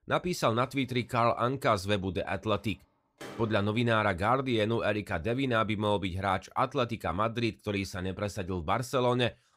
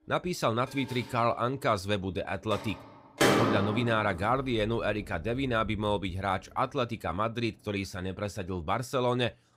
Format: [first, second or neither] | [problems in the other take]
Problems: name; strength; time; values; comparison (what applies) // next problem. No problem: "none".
first | household noises; loud; throughout; 1 dB below the speech; faint in the first